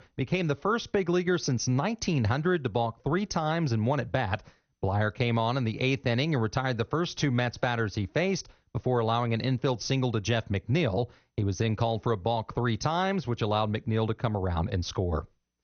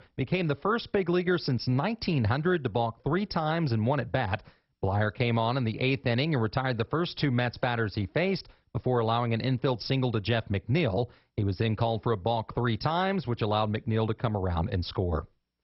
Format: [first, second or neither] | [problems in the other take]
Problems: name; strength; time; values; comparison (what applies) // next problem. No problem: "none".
first | garbled, watery; badly; nothing above 5.5 kHz; slightly in the first